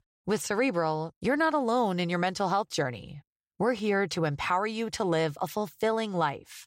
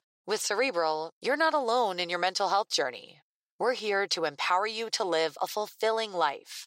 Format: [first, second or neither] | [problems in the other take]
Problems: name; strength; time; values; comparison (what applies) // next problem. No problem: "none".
first | thin; somewhat; fading below 500 Hz